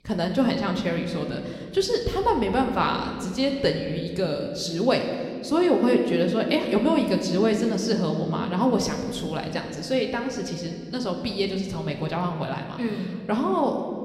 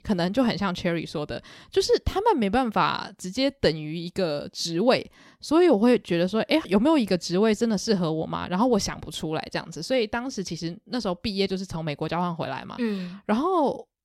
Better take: second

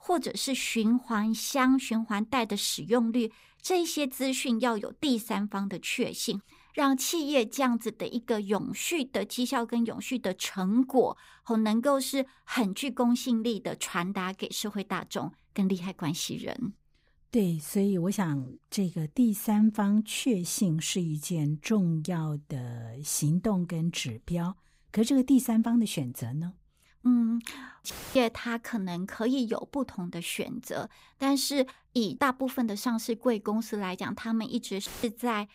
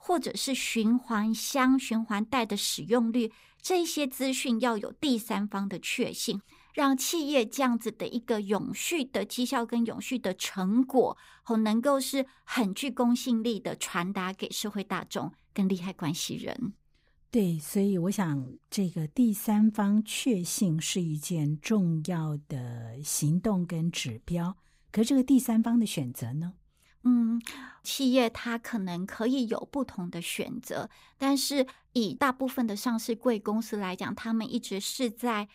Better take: second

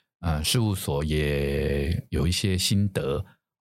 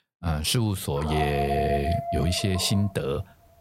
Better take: first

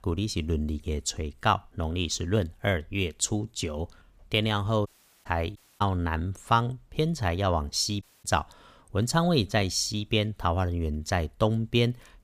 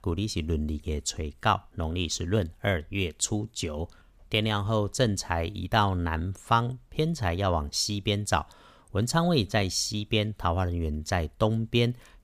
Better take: second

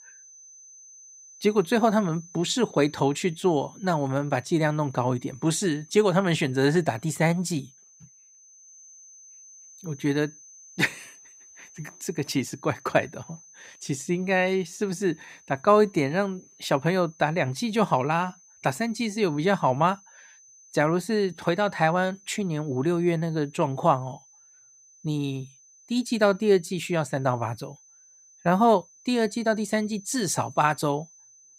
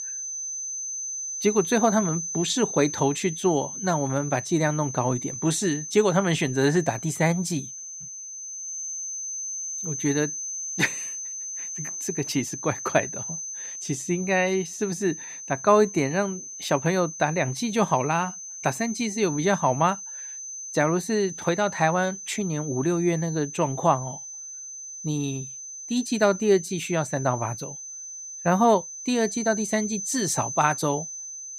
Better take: first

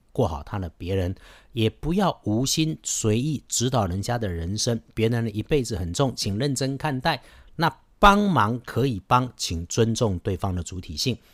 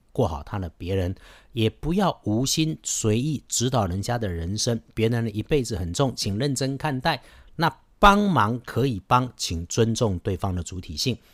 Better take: neither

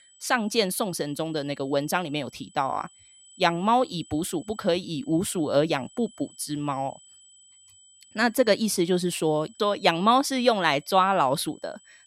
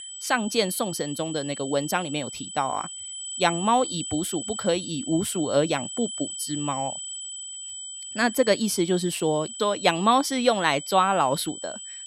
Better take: first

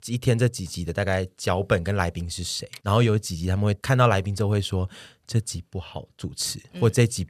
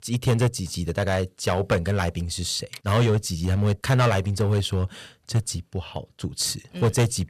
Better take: first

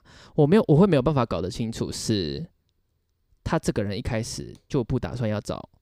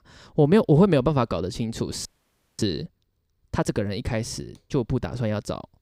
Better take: first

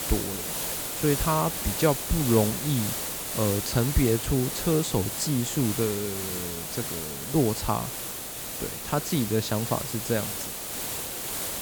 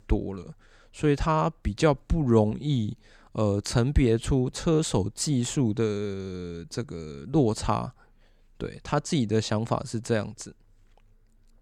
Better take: second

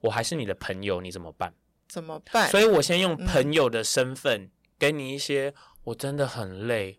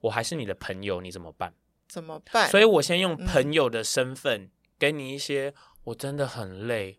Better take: second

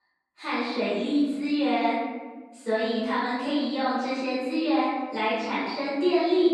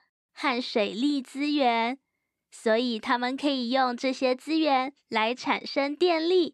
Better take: second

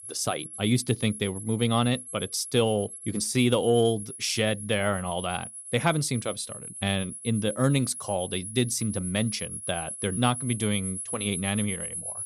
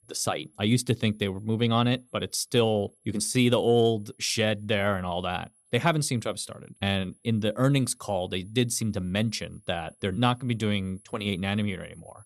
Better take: second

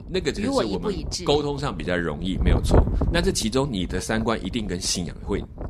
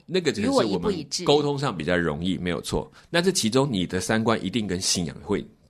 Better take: second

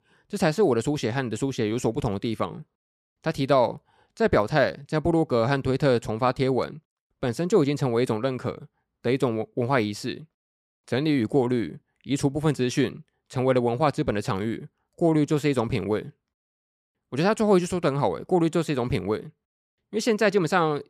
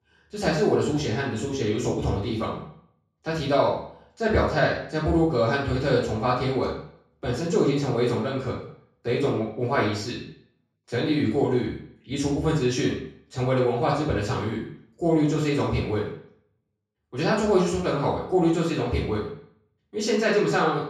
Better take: first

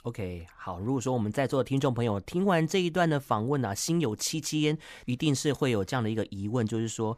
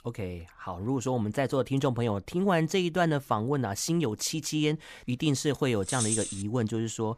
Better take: first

